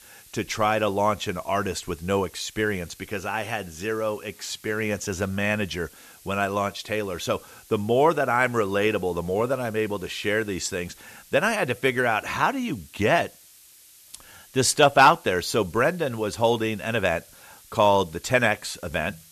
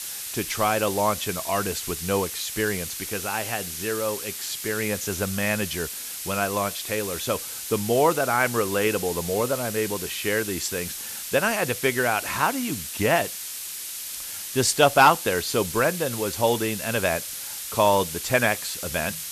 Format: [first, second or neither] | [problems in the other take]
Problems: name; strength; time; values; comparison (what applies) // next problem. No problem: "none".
first | hiss; loud; throughout; 6 dB below the speech; faint in the first